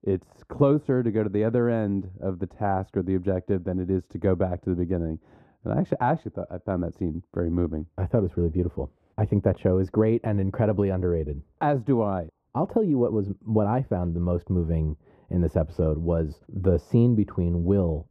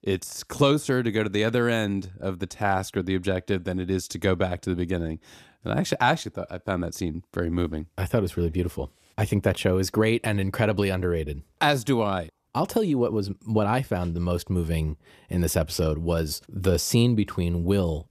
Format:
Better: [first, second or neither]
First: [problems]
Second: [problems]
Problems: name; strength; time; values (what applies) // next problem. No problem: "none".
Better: second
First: muffled; very; fading above 2 kHz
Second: none